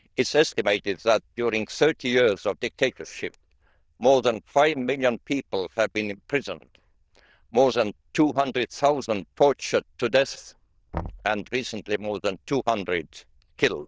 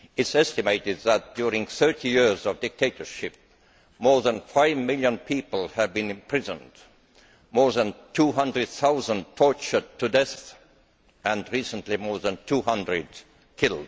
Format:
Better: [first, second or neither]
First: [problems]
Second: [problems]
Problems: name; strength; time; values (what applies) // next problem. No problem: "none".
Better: second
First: noise reduction (neural diffusion model UNIVERSE++)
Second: none